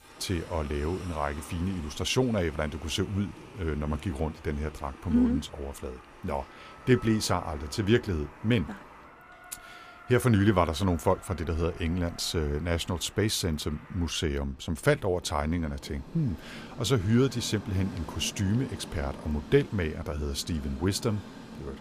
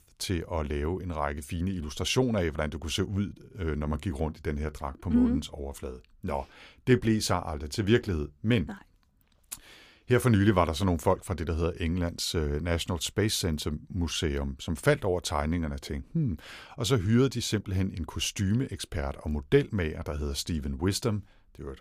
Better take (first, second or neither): second